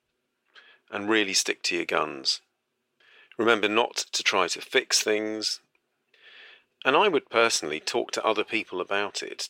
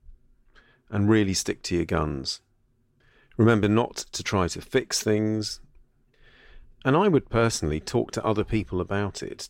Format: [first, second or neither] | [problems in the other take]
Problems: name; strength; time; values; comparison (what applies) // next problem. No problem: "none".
second | thin; very; fading below 500 Hz